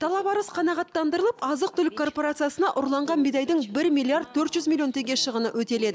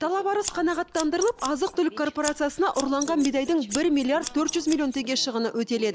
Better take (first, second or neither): first